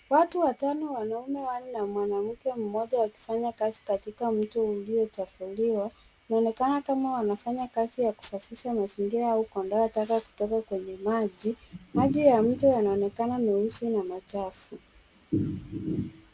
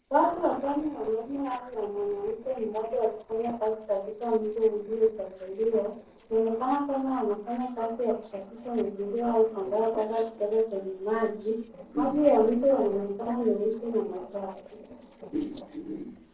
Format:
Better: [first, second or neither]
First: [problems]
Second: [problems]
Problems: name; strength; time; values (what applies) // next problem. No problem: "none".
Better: first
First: none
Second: noise reduction (neural separator model SepFormer DNS4)